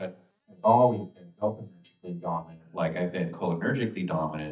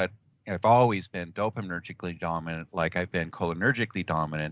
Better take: second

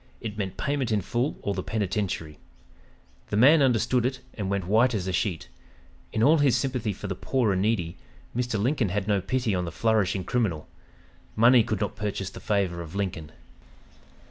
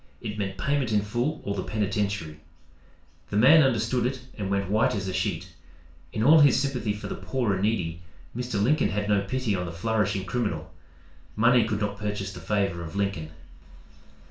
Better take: first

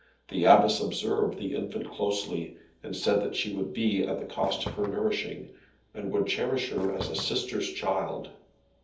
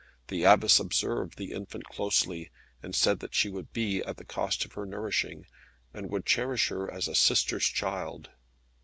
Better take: second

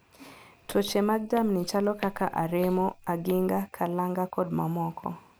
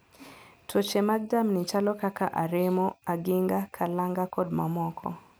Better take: second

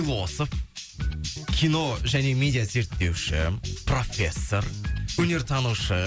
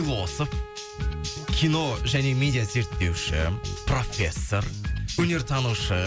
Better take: first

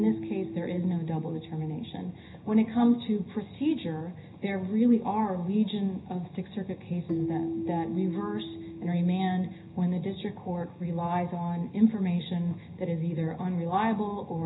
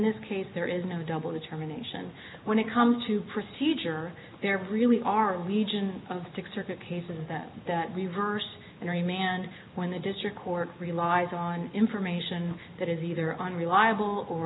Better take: second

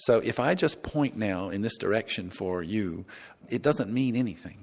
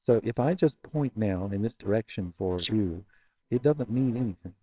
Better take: first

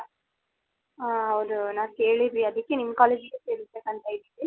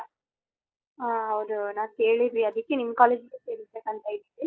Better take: first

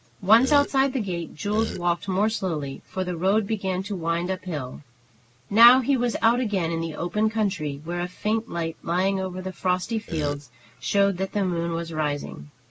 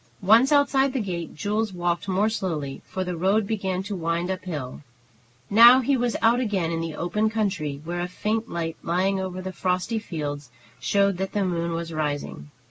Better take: second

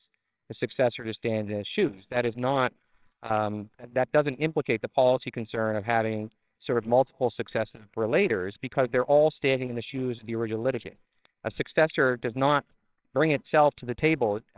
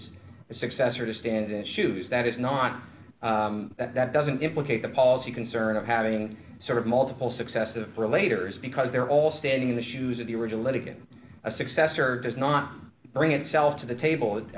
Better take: second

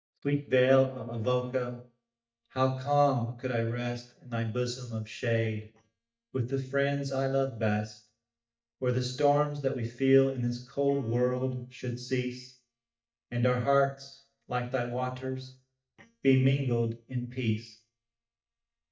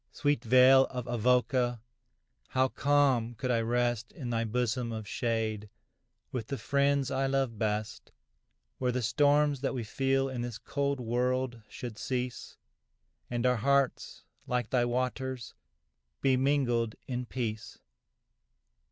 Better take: second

